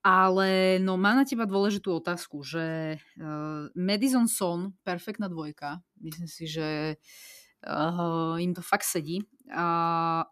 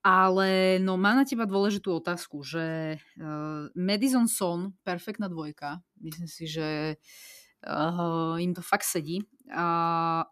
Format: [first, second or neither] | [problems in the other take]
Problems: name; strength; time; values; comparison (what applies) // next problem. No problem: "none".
neither | none